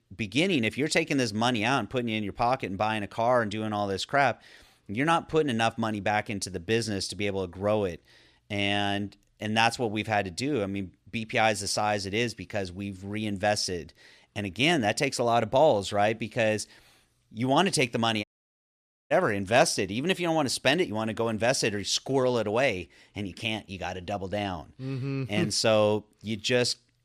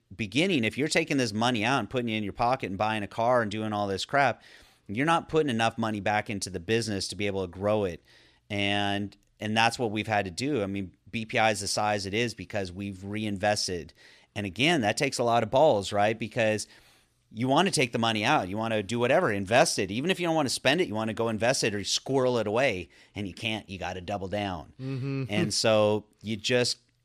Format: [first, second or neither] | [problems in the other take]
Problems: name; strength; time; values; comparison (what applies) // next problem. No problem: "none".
second | audio cutting out; at 18 s for 1 s